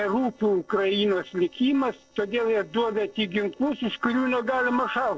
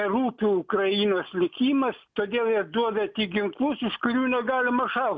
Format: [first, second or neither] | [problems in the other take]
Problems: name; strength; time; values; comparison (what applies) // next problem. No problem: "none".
second | noise reduction (neural separator model SepFormer DNS4)